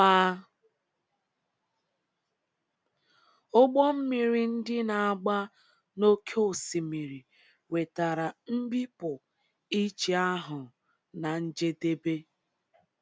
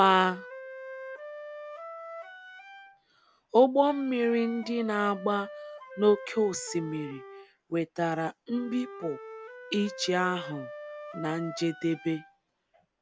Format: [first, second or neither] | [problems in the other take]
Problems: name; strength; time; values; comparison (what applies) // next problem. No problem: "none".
first | background sound (Wind instrument, woodwind instrument); 14 dB below the speech